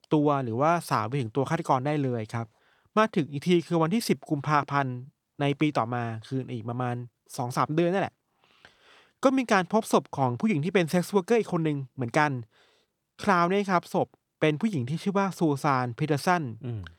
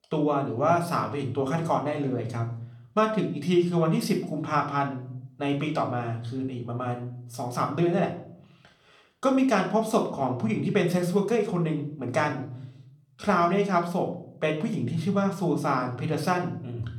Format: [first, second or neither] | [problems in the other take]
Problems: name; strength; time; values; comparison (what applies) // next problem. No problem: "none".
first | room echo; slight; dies away in 0.5 s // off-mic speech; somewhat distant